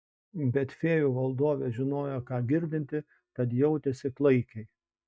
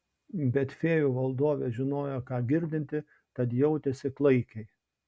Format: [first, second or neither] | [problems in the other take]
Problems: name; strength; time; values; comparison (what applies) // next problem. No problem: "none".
second | noise reduction (neural mask model DeepFilterNet 3)